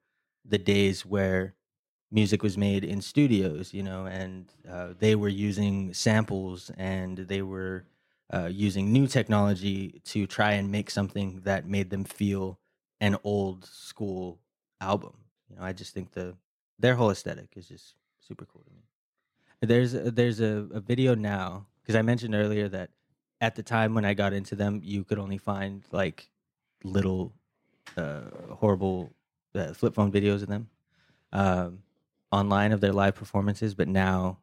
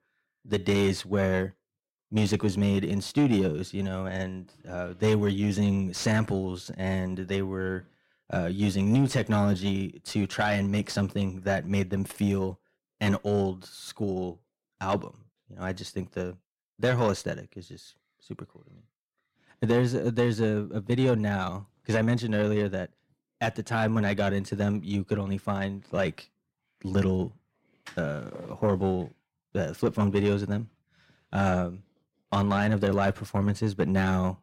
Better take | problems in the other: first | distortion; slight; 10 dB below the speech

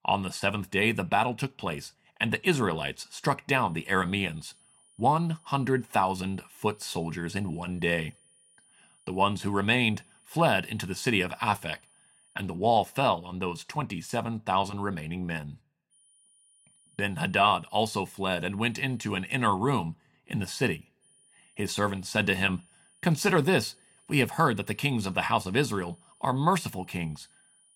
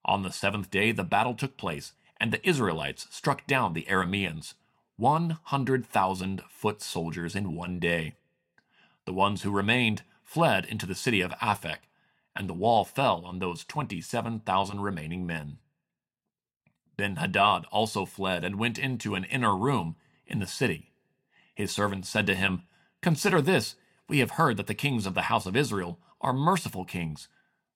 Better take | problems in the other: second | high-pitched whine; faint; from 3.5 to 12 s, from 16 to 20 s and from 21 s on; 9.5 kHz, 30 dB below the speech

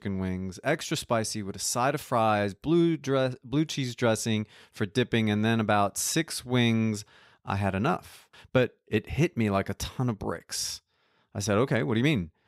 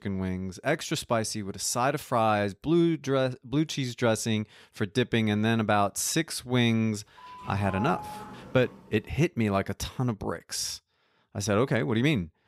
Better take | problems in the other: first | doorbell; noticeable; from 7 to 9 s; peak 9 dB below the speech

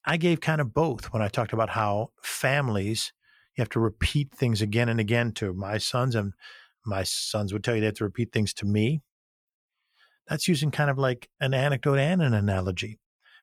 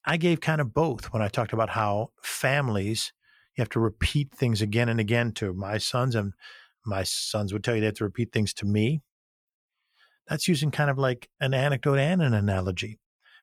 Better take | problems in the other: neither | none

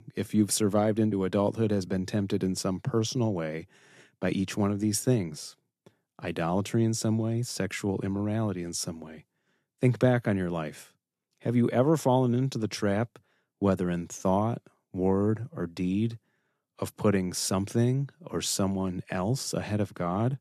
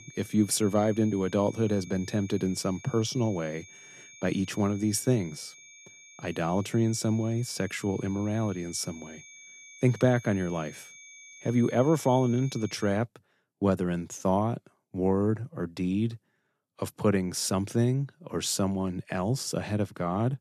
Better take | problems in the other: first | high-pitched whine; noticeable; until 13 s; 2.5 kHz, 20 dB below the speech

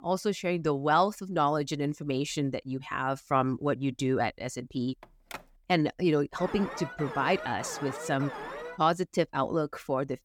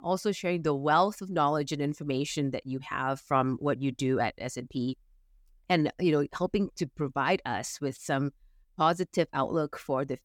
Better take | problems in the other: second | phone ringing; faint; at 5 s; peak 15 dB below the speech // alarm; noticeable; from 6.5 to 9 s; peak 9 dB below the speech

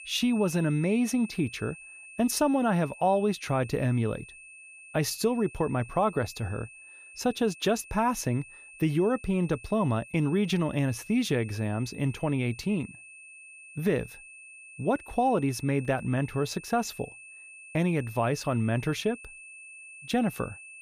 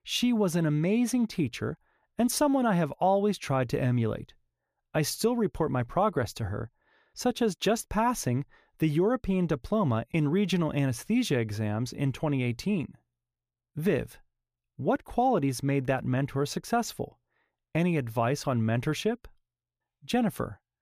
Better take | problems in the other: second | high-pitched whine; noticeable; throughout; 2.5 kHz, 15 dB below the speech

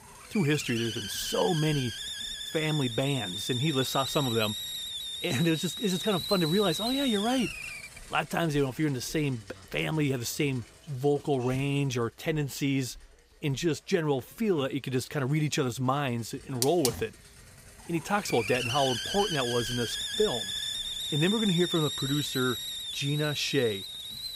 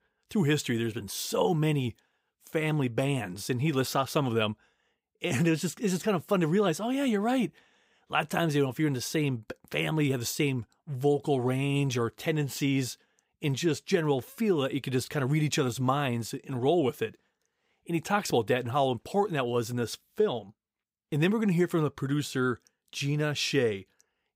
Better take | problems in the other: second | hiss; loud; throughout; 3 dB below the speech

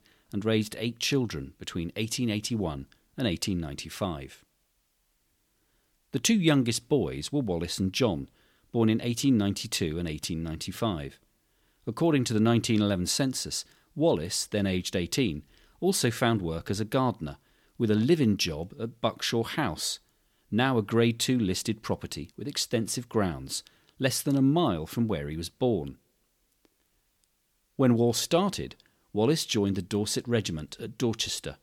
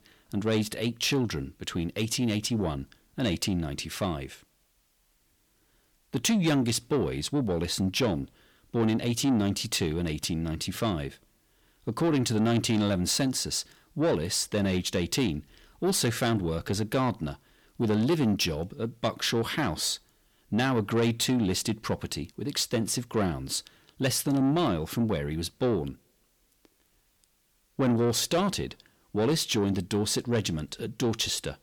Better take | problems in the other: first | distortion; slight; 10 dB below the speech

